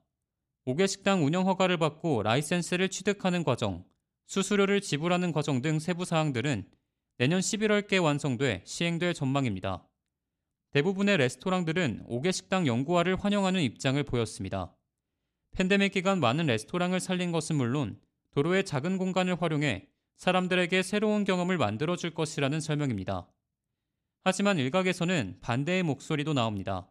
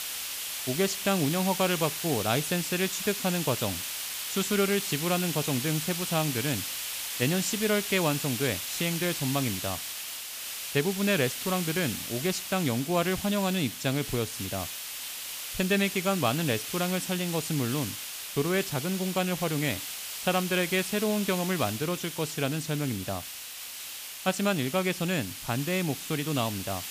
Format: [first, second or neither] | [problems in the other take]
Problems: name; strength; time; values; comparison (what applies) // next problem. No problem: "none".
first | hiss; loud; throughout; 4 dB below the speech